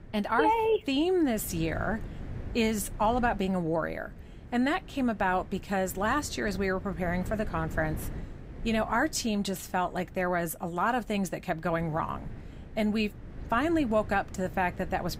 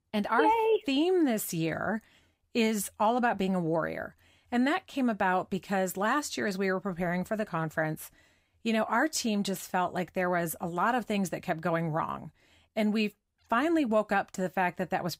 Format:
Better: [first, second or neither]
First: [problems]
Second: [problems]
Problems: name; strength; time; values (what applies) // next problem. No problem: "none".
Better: second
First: wind noise on the microphone; occasional gusts; 20 dB below the speech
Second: none